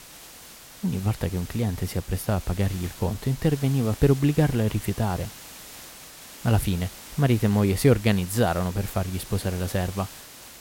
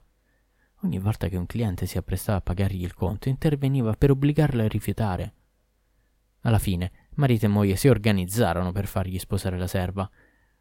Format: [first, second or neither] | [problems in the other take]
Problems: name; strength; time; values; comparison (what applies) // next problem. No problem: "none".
second | hiss; noticeable; throughout; 15 dB below the speech